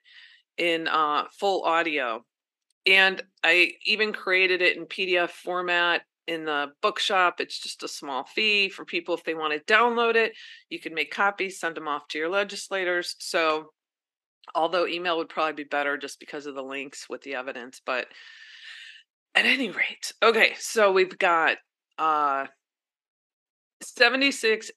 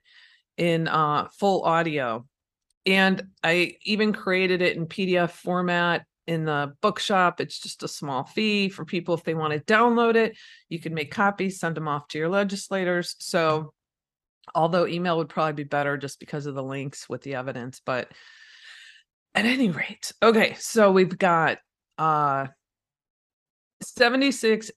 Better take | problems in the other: second | thin; somewhat; fading below 300 Hz

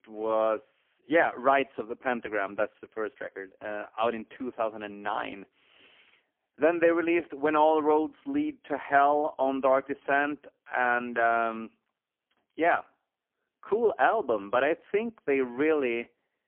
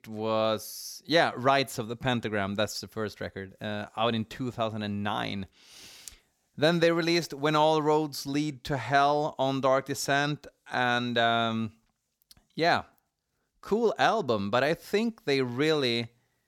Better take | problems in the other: second | phone-call audio; poor line; nothing above 3 kHz

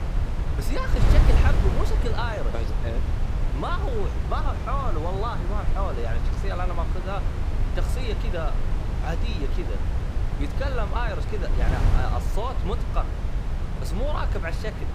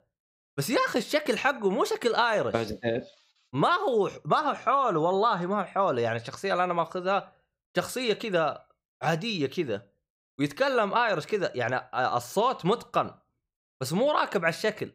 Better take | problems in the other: second | wind noise on the microphone; heavy; 5 dB below the speech

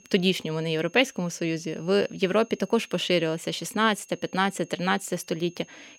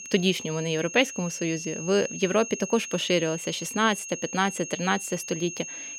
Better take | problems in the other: first | high-pitched whine; loud; throughout; 6.5 kHz, 9 dB below the speech; faint in the first

